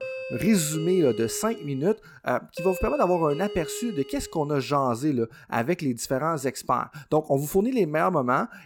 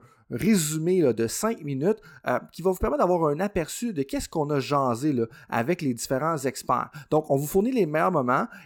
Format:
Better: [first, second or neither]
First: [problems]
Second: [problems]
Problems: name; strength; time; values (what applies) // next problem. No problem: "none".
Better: second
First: doorbell; noticeable; until 4.5 s; peak 8 dB below the speech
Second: none